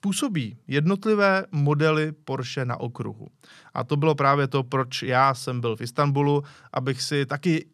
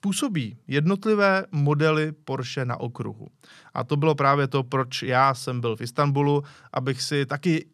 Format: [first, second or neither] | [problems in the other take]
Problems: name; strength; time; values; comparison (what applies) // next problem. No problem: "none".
neither | none